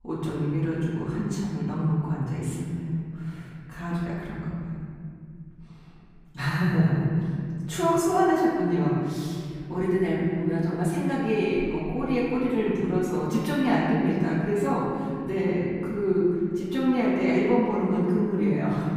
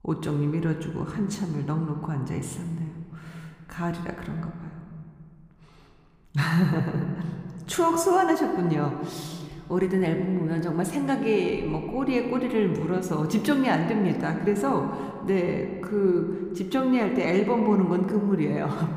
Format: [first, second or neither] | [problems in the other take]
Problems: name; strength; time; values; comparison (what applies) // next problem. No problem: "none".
second | room echo; strong; dies away in 2.4 s; slight in the second // off-mic speech; far